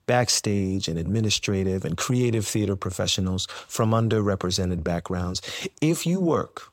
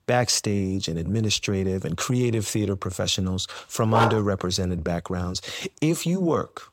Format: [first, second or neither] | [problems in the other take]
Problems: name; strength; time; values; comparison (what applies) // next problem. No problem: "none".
first | dog barking; loud; at 4 s; peak 1 dB above the speech